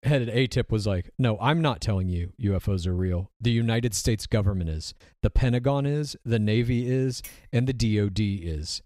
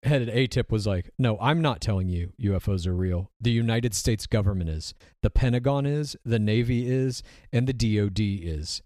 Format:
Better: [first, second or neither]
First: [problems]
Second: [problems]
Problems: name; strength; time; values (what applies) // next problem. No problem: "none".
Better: second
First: clattering dishes; faint; at 7 s; peak 20 dB below the speech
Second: none